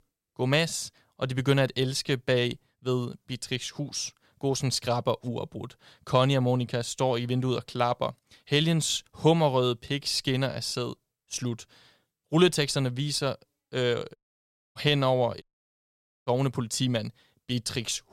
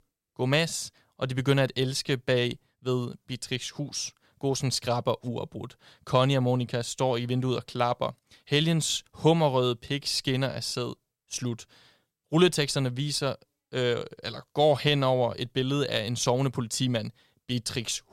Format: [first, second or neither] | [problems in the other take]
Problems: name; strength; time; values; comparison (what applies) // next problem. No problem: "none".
second | audio cutting out; at 14 s for 0.5 s and at 15 s for 1 s